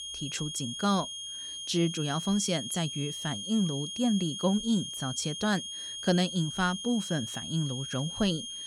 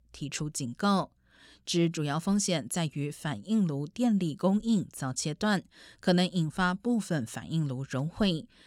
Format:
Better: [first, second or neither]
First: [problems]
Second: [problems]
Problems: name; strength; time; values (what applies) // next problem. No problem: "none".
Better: second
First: high-pitched whine; loud; throughout; 3.5 kHz, 6 dB below the speech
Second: none